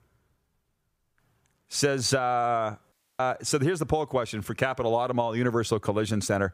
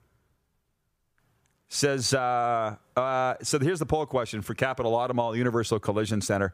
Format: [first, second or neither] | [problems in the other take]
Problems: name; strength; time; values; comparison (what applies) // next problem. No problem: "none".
second | audio cutting out; at 3 s